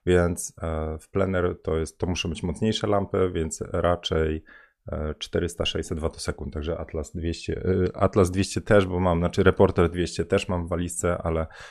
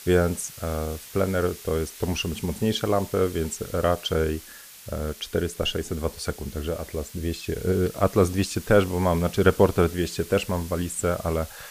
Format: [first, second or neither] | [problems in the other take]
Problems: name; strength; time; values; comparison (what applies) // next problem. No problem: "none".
first | hiss; noticeable; throughout; 15 dB below the speech